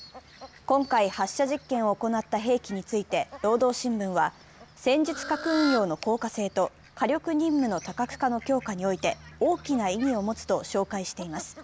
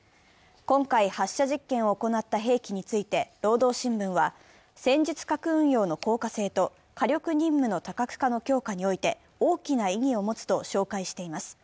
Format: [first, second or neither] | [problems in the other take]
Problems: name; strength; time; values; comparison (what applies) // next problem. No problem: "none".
second | background sound (Fowl); 16 dB below the speech